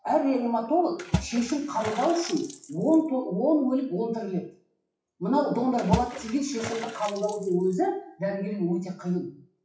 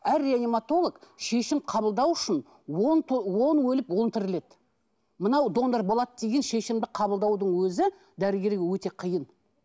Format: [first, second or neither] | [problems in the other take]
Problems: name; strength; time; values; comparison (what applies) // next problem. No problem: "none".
second | noise reduction (classical method WPE with log-MMSE)